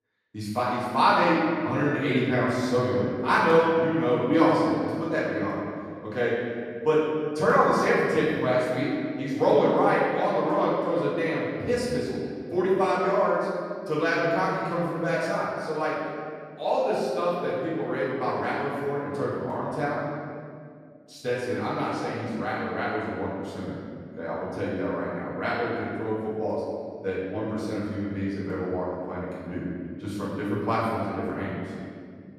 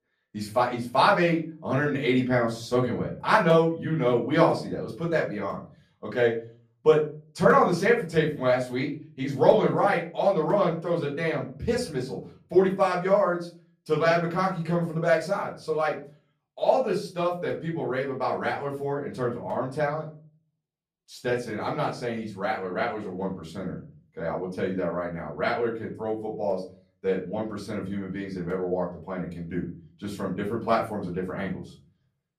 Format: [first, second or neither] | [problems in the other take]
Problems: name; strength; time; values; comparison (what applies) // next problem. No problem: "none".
second | room echo; strong; dies away in 2.1 s; slight in the second // off-mic speech; far; far in the second